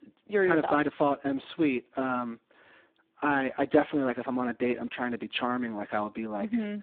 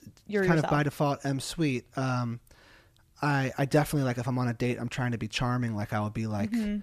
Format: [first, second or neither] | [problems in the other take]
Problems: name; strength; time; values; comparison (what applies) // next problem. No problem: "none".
second | phone-call audio; poor line